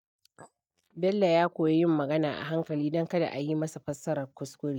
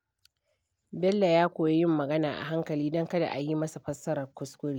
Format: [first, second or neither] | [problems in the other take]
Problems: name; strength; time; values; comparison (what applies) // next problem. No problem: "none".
second | noise reduction (neural mask model DeepFilterNet 3)